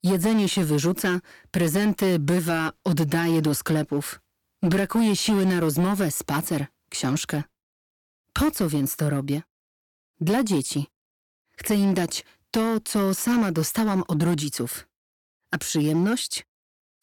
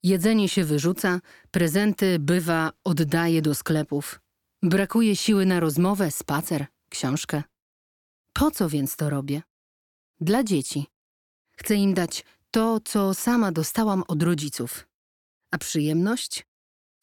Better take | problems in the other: second | distortion; slight; 8% of the sound clipped

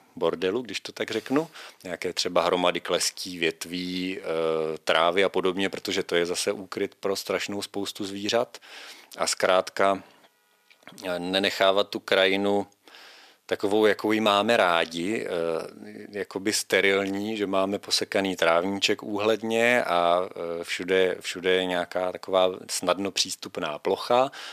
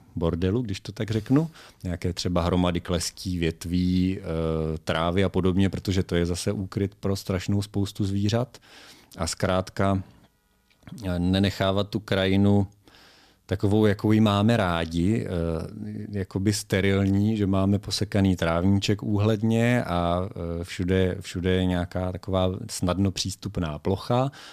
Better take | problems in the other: second | thin; somewhat; fading below 500 Hz

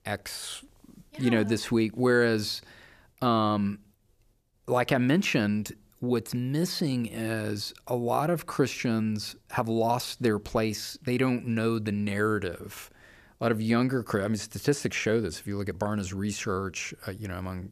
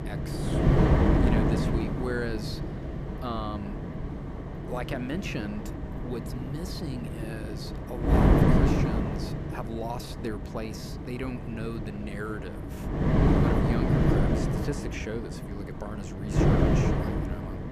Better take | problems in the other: first | wind noise on the microphone; heavy; 5 dB above the speech

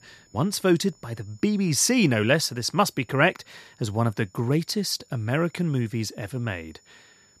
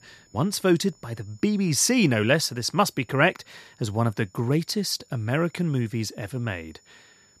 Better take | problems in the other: neither | high-pitched whine; faint; throughout; 7 kHz, 35 dB below the speech; the same in both

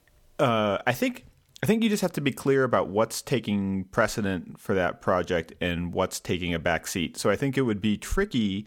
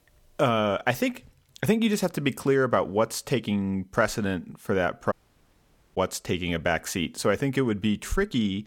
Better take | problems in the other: first | audio cutting out; at 5 s for 1 s

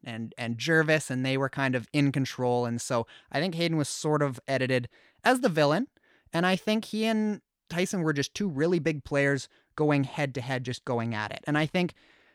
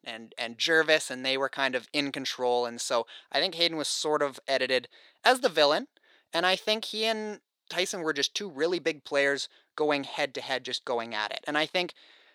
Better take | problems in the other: first | thin; somewhat; fading below 500 Hz

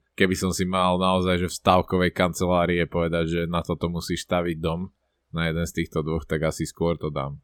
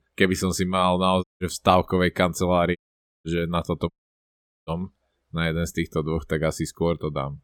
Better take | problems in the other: first | audio cutting out; at 1 s, at 3 s and at 4 s for 1 s

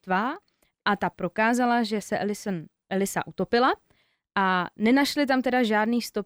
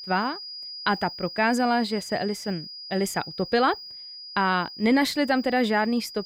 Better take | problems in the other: first | high-pitched whine; noticeable; throughout; 5 kHz, 10 dB below the speech

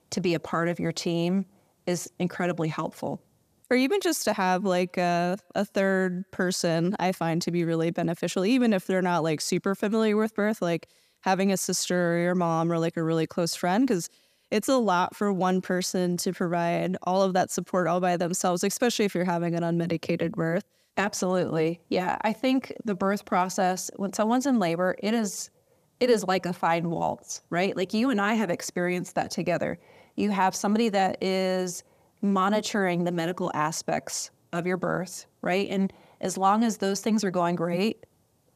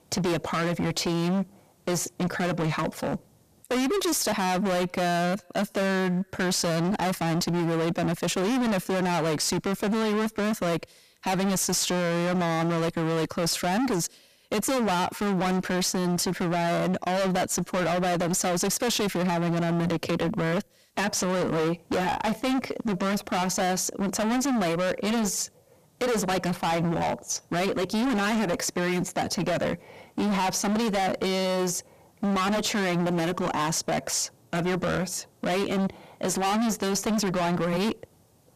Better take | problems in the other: first | distortion; heavy; 36% of the sound clipped

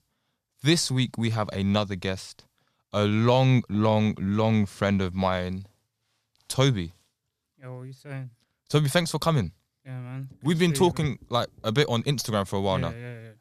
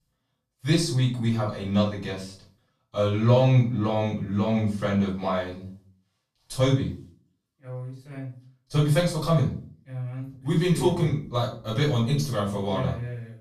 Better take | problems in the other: first | room echo; slight; dies away in 0.4 s // off-mic speech; far

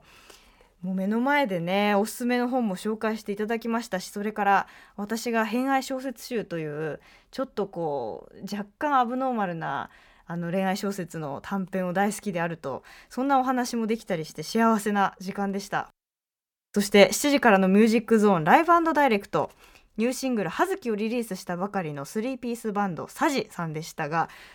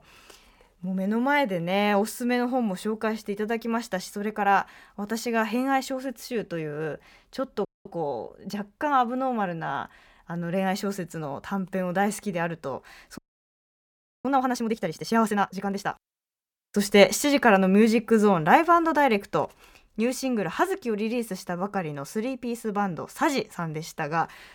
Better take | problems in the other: first | audio freezing; at 7.5 s and at 13 s for 1 s

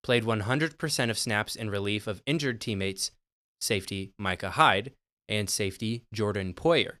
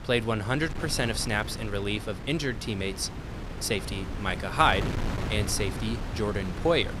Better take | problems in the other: first | wind noise on the microphone; occasional gusts; 10 dB below the speech

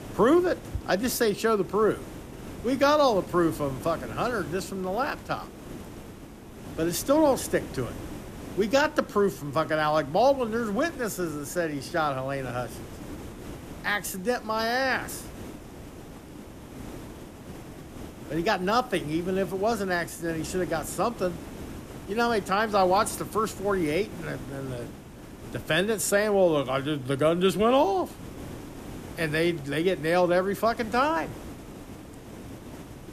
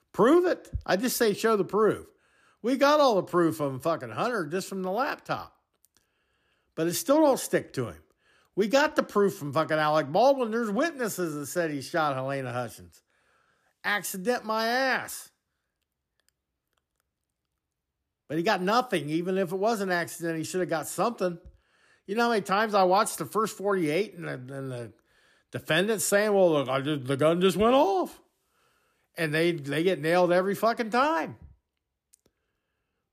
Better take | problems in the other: second | hiss; noticeable; throughout; 15 dB below the speech

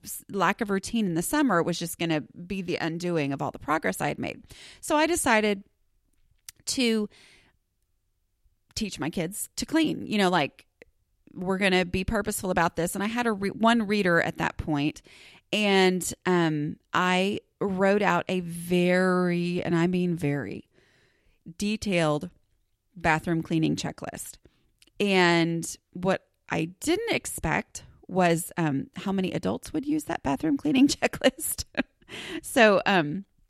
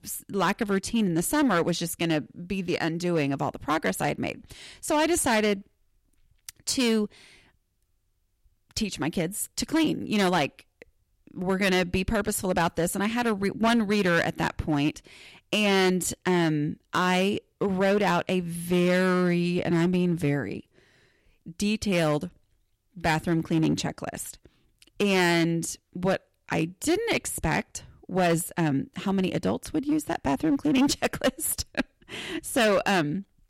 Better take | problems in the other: first | distortion; slight; 6% of the sound clipped

